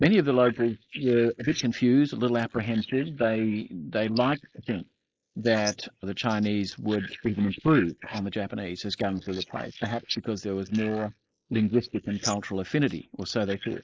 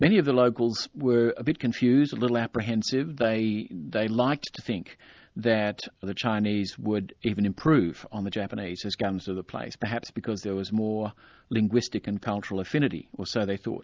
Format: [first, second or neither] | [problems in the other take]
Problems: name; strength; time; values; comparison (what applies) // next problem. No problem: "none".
second | noise reduction (neural mask model Resemble Enhance denoiser)